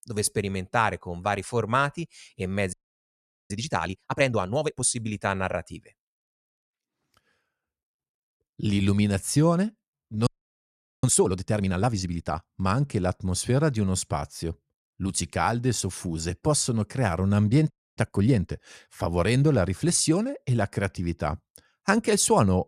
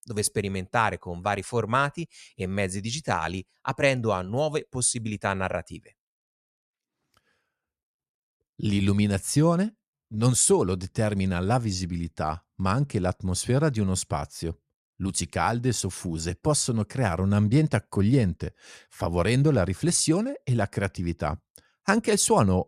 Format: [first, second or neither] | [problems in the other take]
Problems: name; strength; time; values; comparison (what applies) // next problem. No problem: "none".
second | audio freezing; at 2.5 s for 1 s, at 10 s for 1 s and at 18 s